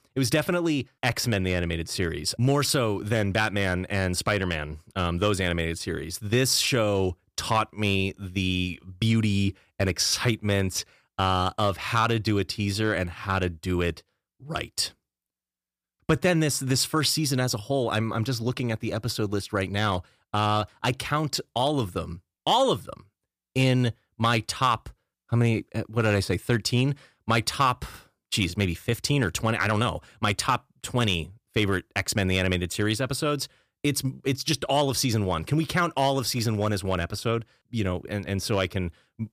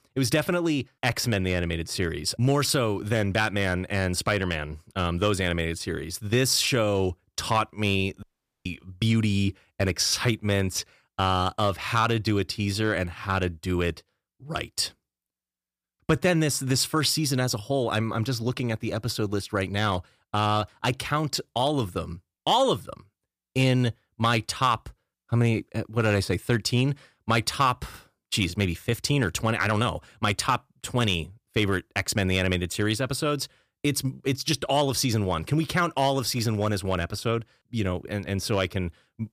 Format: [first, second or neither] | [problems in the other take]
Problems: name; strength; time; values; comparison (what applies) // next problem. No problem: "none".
first | audio cutting out; at 8 s